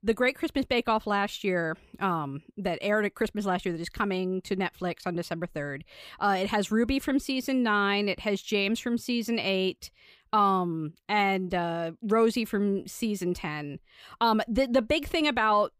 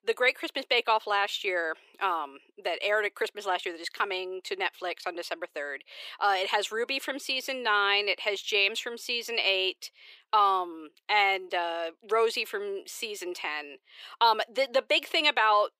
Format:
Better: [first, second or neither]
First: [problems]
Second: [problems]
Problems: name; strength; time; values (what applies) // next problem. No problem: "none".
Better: first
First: none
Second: thin; very; fading below 400 Hz